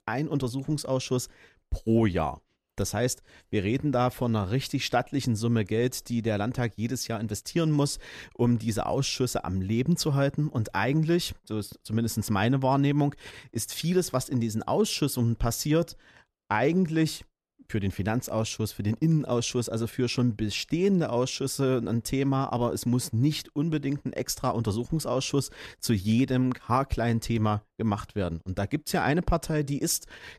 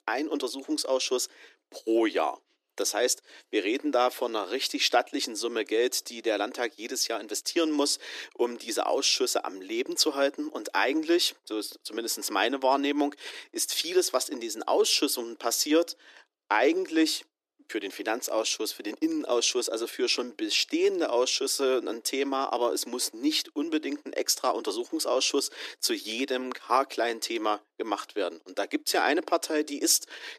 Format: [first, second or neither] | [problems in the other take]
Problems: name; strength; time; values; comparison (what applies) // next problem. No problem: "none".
first | thin; somewhat; fading below 300 Hz